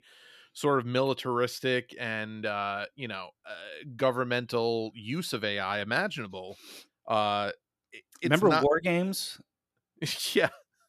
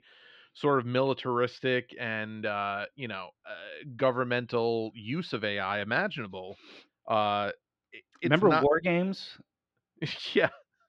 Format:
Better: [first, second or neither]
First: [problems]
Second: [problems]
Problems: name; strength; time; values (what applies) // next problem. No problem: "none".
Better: first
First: none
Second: muffled; very slightly; fading above 3.5 kHz